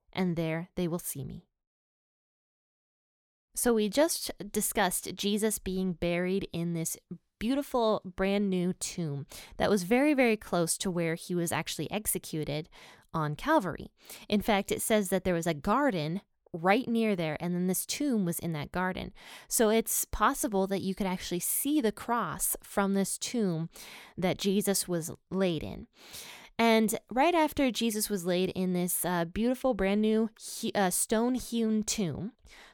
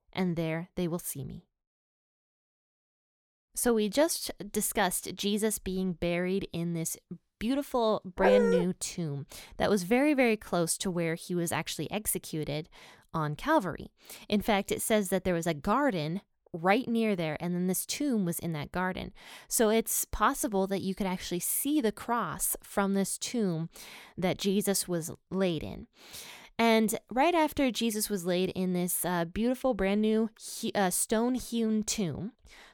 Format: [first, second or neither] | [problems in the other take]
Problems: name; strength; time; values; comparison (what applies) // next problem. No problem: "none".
first | dog barking; loud; at 8 s; peak 5 dB above the speech